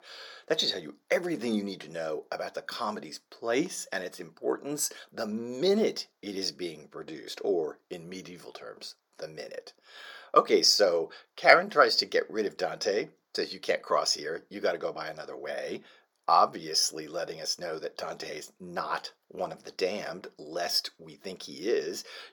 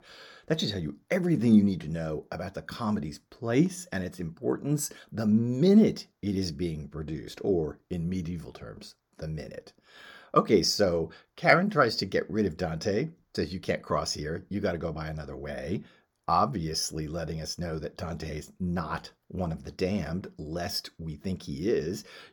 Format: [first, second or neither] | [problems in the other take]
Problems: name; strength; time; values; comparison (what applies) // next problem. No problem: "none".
second | thin; somewhat; fading below 500 Hz